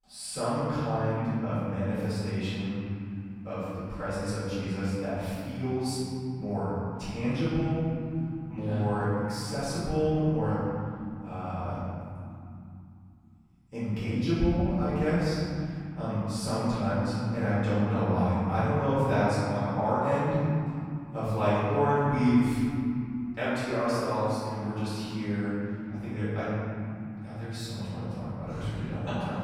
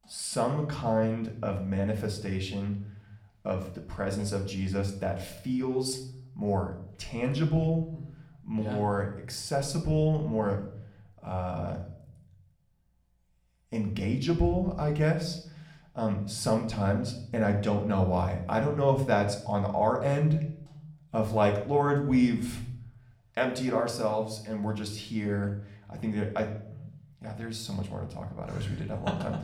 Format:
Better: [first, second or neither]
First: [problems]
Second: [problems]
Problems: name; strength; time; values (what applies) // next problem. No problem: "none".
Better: second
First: room echo; strong; dies away in 2.8 s // off-mic speech; far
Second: room echo; slight; dies away in 0.6 s // off-mic speech; somewhat distant